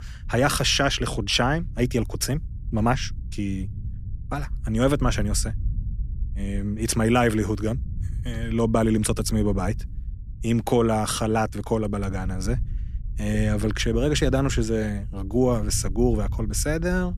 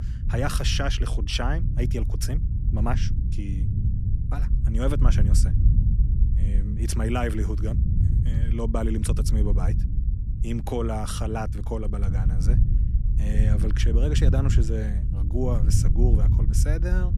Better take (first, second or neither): first